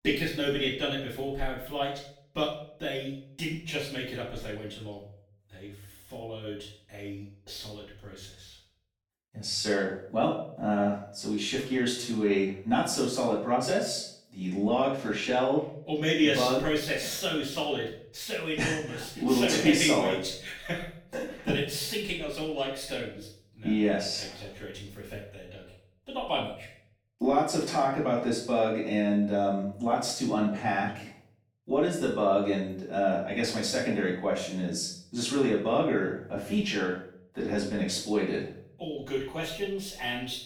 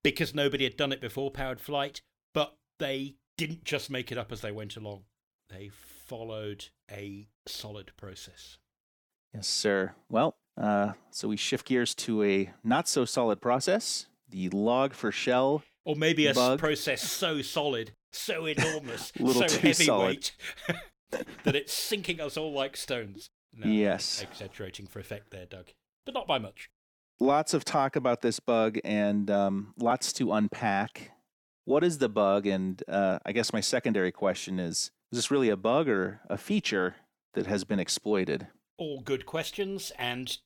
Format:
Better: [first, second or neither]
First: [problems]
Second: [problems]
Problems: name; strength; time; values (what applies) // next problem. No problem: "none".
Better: second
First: off-mic speech; far // room echo; noticeable; dies away in 0.5 s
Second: none